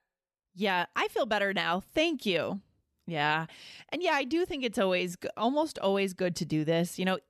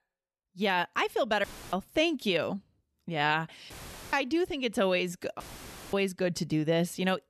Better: first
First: none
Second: audio cutting out; filled with static; at 1.5 s, at 3.5 s and at 5.5 s for 0.5 s

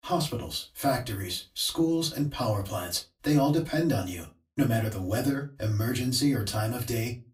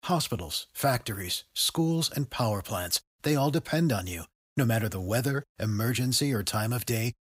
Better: second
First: off-mic speech; far // room echo; very slight; dies away in 0.2 s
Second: none

